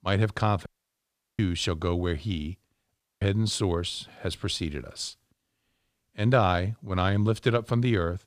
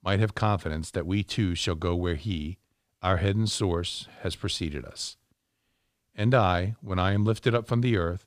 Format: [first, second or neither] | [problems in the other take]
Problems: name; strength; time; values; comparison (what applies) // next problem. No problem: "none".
second | audio cutting out; at 0.5 s for 0.5 s and at 3 s